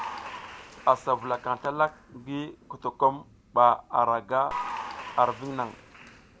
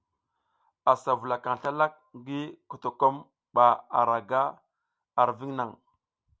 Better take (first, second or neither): second